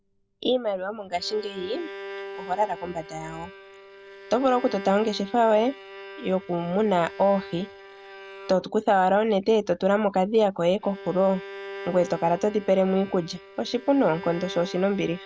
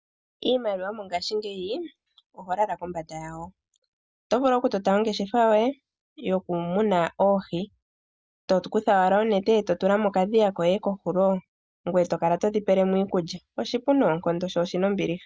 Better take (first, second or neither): second